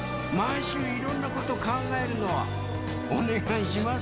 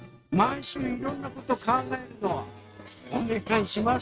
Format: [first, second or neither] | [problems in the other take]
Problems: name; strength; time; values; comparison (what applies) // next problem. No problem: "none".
first | noise reduction (neural mask model RNNoise)